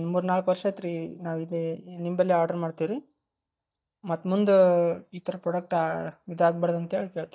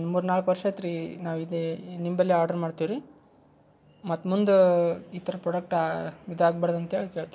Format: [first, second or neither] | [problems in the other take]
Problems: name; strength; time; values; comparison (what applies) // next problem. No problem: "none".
second | noise reduction (neural mask model DeepFilterNet 3)